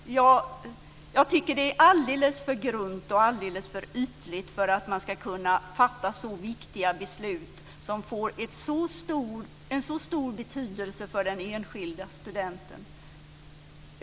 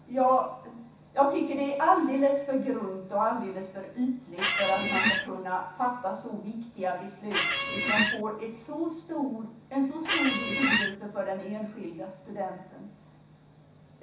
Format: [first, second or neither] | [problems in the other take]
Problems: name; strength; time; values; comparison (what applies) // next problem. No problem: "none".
first | background sound (Squeak); 3 dB above the speech // room echo; dies away in 0.7 s